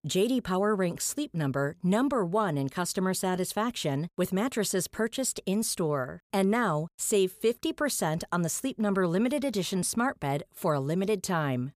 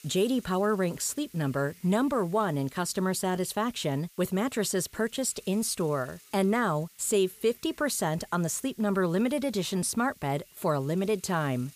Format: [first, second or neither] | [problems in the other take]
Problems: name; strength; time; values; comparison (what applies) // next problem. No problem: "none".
first | hiss; faint; throughout; 25 dB below the speech